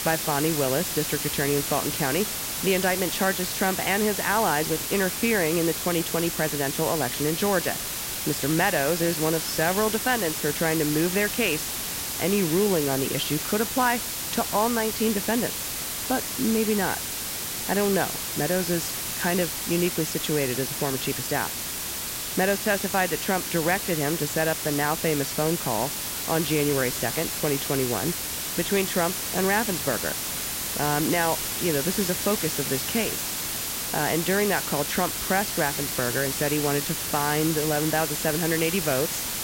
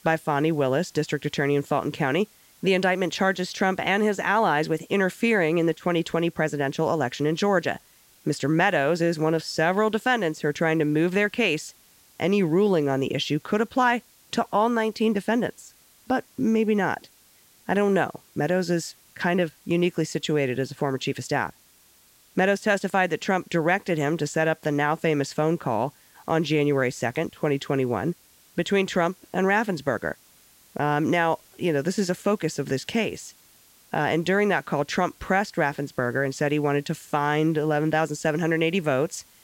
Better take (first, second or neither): second